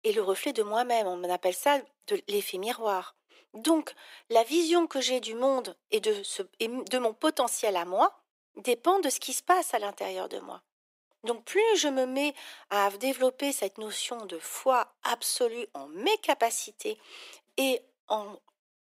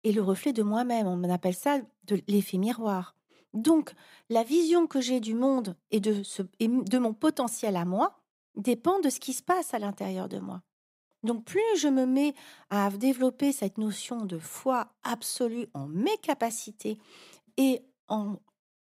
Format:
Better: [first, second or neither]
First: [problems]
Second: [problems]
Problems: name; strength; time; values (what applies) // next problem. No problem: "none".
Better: second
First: thin; somewhat; fading below 400 Hz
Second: none